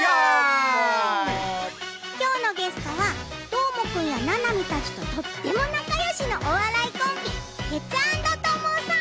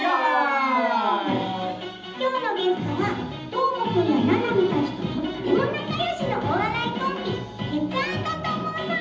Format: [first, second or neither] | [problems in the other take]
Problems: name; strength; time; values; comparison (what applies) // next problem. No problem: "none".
first | room echo; dies away in 0.8 s